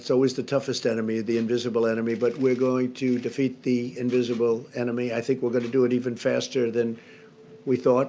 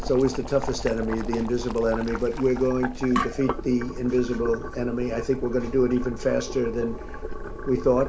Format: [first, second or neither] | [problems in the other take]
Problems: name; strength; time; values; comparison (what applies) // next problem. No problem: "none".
first | background sound (Boiling); 7 dB below the speech // room echo; dies away in 0.3 s